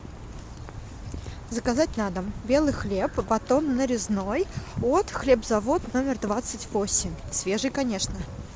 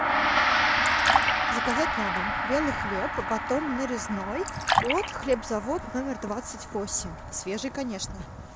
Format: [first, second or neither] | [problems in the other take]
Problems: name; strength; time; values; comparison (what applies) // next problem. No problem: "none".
first | background sound (Gong + Fill (with liquid)); 3 dB above the speech